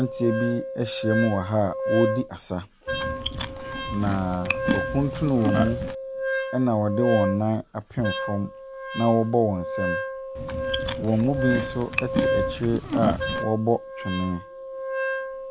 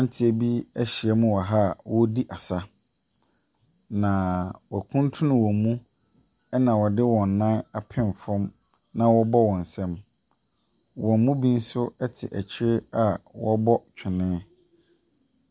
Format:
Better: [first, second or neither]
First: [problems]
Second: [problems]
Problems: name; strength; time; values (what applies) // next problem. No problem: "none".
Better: second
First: background sound (Chewing, mastication + Wind instrument, woodwind instrument); 2 dB below the speech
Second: none